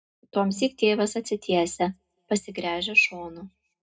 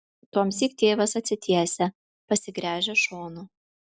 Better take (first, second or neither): second